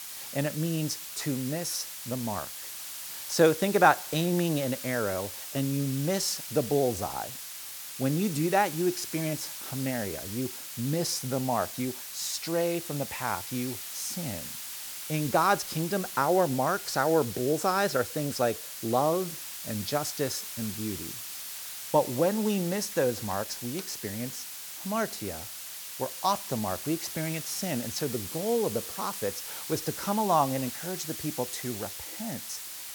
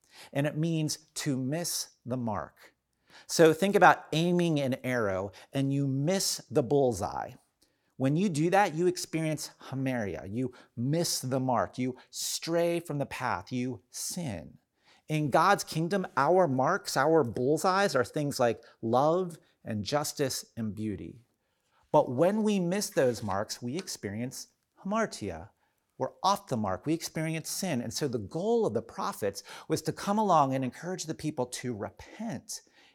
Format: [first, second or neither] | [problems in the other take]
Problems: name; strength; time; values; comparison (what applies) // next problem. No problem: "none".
second | hiss; loud; throughout; 7 dB below the speech